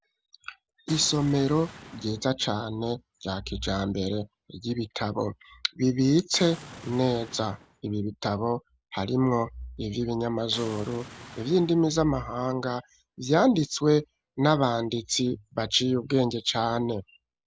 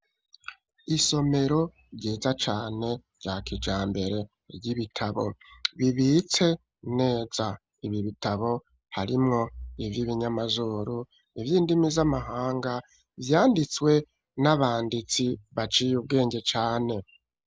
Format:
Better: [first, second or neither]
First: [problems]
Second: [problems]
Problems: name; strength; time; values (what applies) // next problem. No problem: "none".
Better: second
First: background sound (Boom); 17 dB below the speech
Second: none